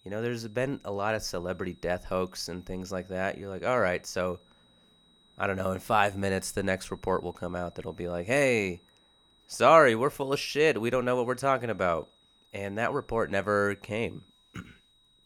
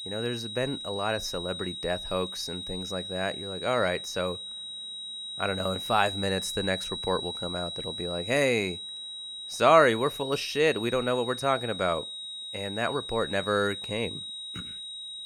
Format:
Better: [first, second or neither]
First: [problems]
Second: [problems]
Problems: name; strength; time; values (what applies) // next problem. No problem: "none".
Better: first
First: high-pitched whine; faint; throughout; 4 kHz, 35 dB below the speech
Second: high-pitched whine; loud; throughout; 4 kHz, 7 dB below the speech